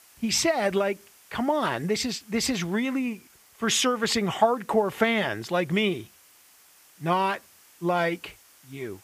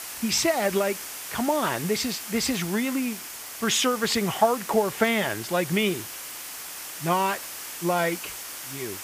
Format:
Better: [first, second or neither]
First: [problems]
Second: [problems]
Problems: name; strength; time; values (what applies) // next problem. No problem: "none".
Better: first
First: hiss; faint; throughout; 25 dB below the speech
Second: hiss; loud; throughout; 9 dB below the speech